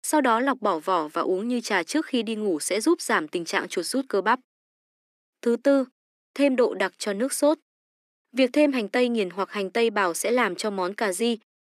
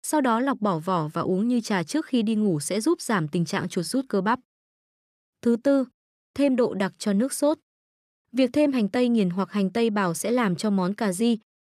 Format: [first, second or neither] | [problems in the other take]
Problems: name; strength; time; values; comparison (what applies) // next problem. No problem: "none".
second | thin; very slightly; fading below 250 Hz